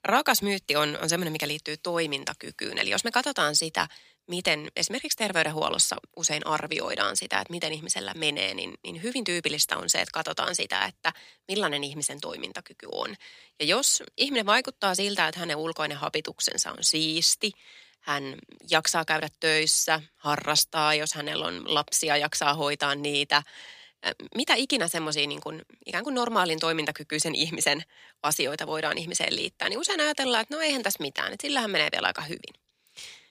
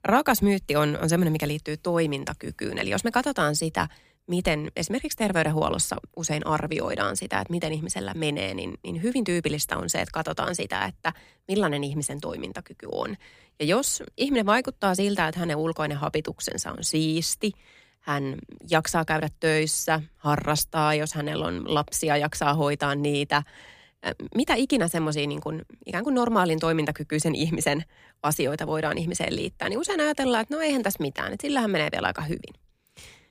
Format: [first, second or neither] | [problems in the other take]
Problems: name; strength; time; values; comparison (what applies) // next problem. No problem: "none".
second | thin; very slightly; fading below 450 Hz